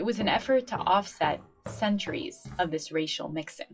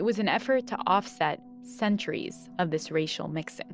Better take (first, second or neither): second